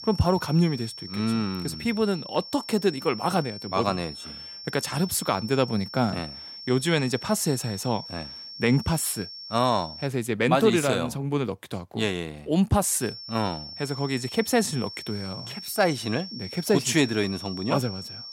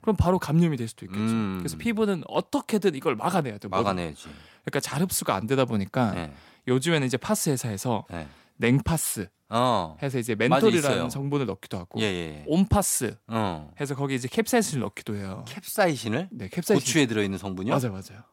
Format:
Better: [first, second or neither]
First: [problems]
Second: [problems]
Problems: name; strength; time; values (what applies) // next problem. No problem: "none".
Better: second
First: high-pitched whine; noticeable; until 10 s and from 13 s on; 5.5 kHz, 10 dB below the speech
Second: none